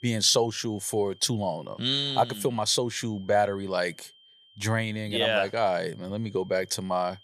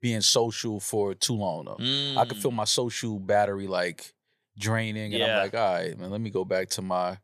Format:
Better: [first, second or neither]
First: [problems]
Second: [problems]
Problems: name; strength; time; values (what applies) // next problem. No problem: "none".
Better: second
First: high-pitched whine; faint; throughout; 3 kHz, 25 dB below the speech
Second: none